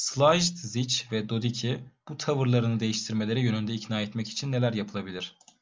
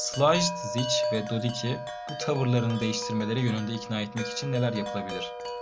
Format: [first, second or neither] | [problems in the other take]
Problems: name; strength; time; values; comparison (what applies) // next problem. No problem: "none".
first | background sound (Wind chime); 6 dB below the speech